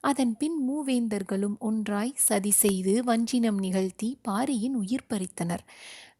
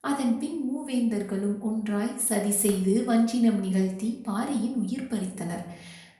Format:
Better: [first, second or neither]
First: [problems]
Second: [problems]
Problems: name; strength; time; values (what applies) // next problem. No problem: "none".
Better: first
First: none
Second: room echo; slight; dies away in 0.6 s // off-mic speech; far